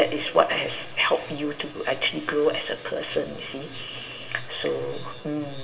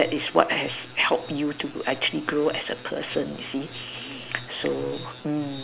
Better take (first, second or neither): second